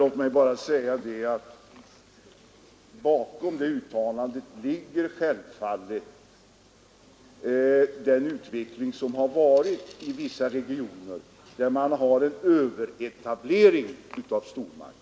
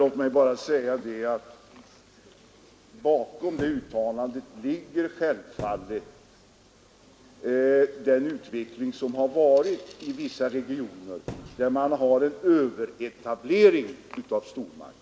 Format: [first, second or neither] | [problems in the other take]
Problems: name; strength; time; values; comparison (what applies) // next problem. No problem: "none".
first | background sound (Thump, thud); 18 dB below the speech